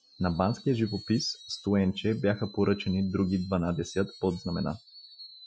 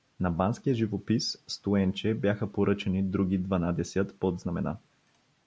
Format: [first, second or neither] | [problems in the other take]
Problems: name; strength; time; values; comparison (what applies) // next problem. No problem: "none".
second | noise reduction (classical method Wiener filter)